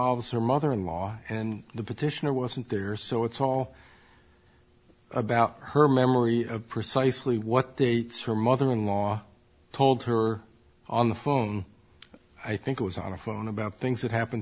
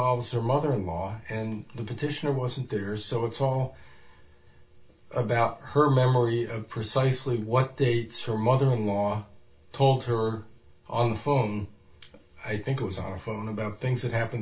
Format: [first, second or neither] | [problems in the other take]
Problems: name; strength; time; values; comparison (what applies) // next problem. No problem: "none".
first | room echo; dies away in 0.3 s